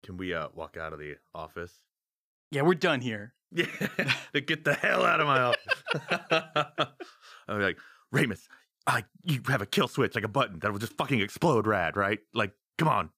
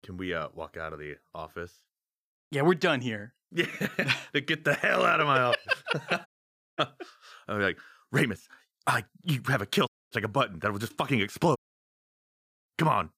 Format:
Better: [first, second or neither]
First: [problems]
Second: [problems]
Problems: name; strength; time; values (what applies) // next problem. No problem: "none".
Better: first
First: none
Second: audio cutting out; at 6.5 s for 0.5 s, at 10 s and at 12 s for 1 s